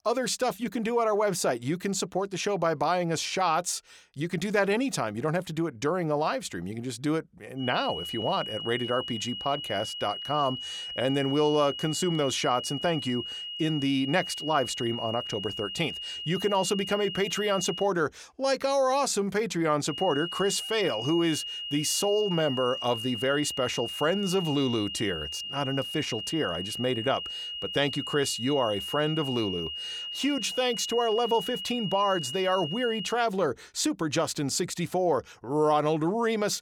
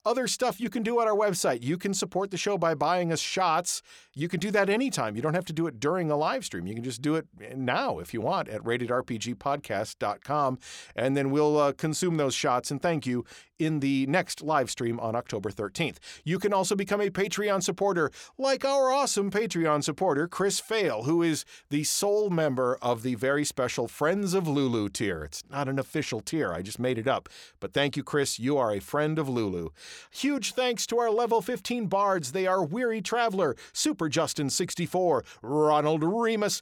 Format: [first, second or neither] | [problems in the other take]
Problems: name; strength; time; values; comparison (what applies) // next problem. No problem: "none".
second | high-pitched whine; loud; from 7.5 to 18 s and from 20 to 33 s; 3 kHz, 6 dB below the speech